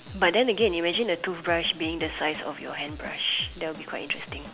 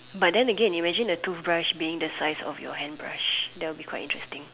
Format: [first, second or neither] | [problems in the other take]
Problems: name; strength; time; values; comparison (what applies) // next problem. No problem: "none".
second | background sound (Drum / Drum kit); 17 dB below the speech